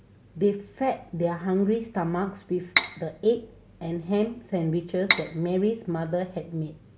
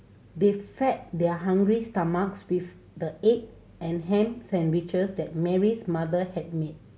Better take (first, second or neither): second